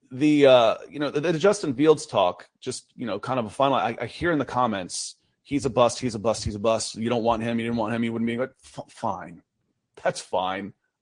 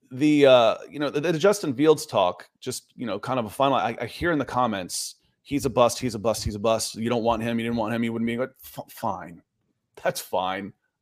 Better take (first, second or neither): second